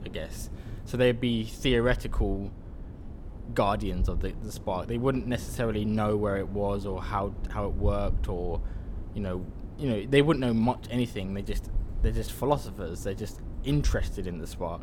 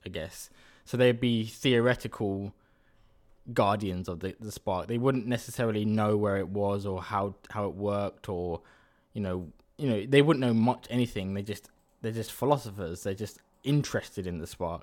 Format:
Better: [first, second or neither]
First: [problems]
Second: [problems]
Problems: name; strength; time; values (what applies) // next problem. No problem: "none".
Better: second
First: wind noise on the microphone; occasional gusts; 20 dB below the speech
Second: none